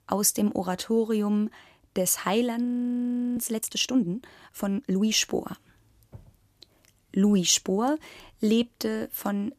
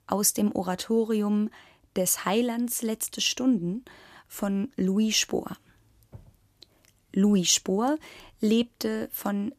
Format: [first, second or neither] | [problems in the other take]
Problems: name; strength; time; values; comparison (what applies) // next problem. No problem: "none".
second | audio freezing; at 2.5 s for 0.5 s